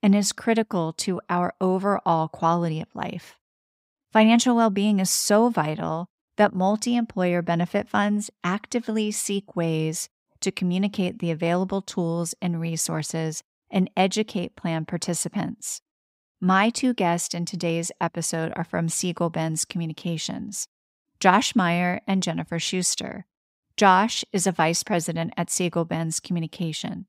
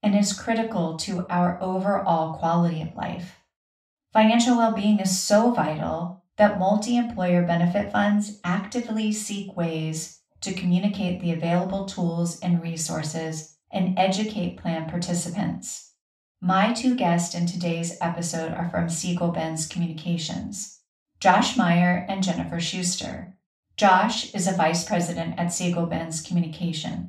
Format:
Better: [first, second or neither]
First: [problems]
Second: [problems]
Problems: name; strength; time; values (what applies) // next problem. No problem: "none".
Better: first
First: none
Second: room echo; slight; dies away in 0.3 s // off-mic speech; far